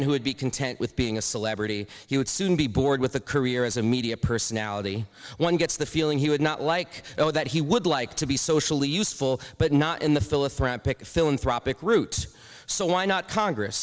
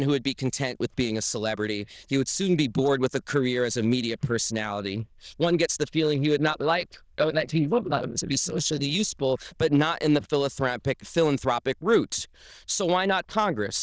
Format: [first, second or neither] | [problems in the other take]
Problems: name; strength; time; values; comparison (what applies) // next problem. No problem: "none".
first | noise reduction (neural diffusion model UNIVERSE++)